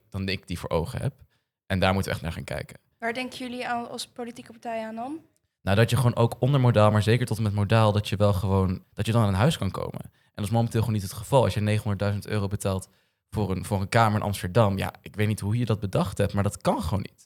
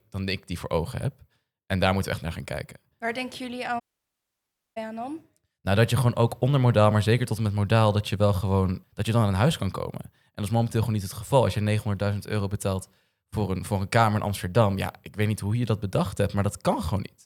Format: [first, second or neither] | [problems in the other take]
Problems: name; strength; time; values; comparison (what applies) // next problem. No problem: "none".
first | audio cutting out; at 4 s for 1 s